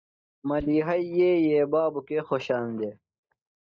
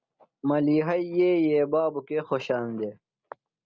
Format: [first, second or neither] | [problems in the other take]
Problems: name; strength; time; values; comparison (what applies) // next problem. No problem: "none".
second | noise reduction (neural mask model DeepFilterNet 3)